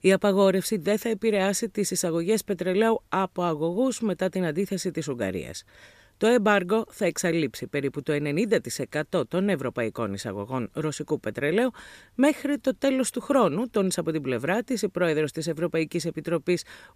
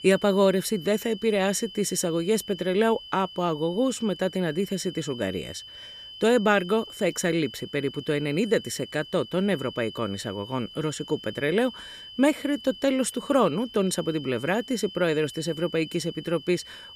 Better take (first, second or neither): first